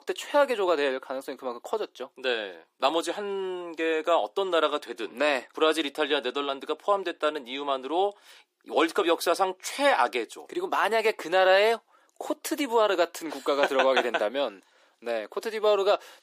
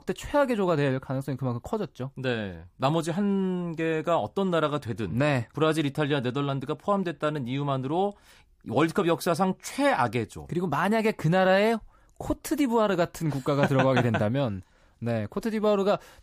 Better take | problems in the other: second | thin; somewhat; fading below 350 Hz

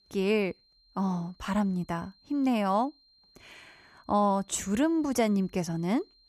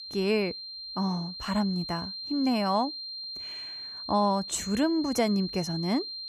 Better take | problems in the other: first | high-pitched whine; loud; throughout; 4 kHz, 8 dB below the speech; faint in the first

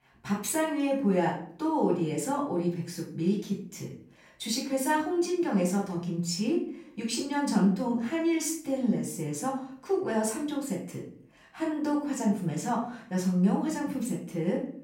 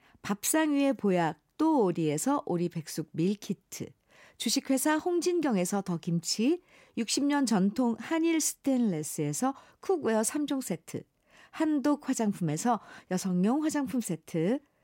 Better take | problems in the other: second | off-mic speech; far // room echo; slight; dies away in 0.4 s

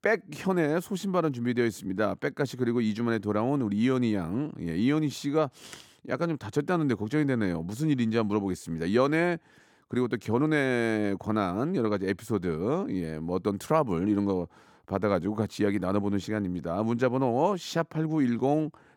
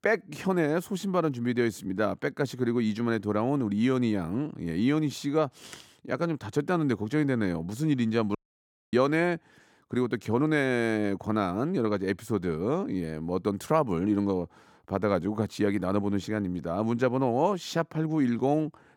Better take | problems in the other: first | audio cutting out; at 8.5 s for 0.5 s

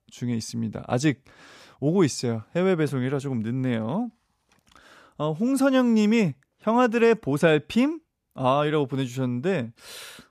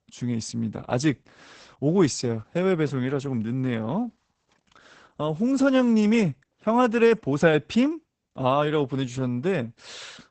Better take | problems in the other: first | garbled, watery; badly; nothing above 8 kHz

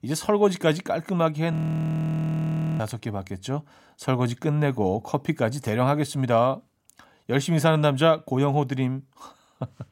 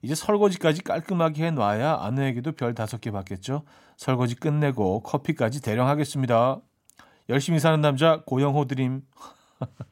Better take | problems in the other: second | audio freezing; at 1.5 s for 1.5 s

